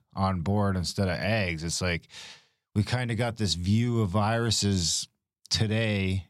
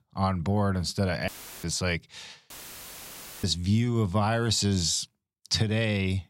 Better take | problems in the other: first | audio cutting out; filled with static; at 1.5 s and at 2.5 s for 1 s

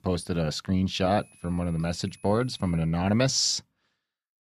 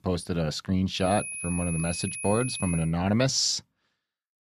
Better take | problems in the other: first | high-pitched whine; loud; from 1 to 3 s; 10.5 kHz, 6 dB below the speech; faint in the first

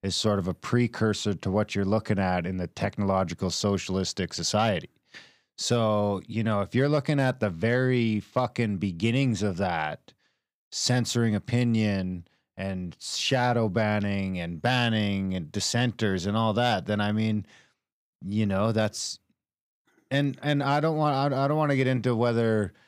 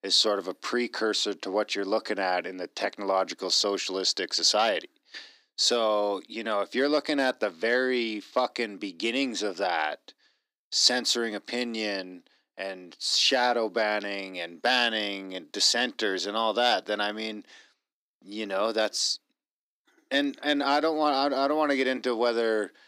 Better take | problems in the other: first | thin; somewhat; fading below 300 Hz

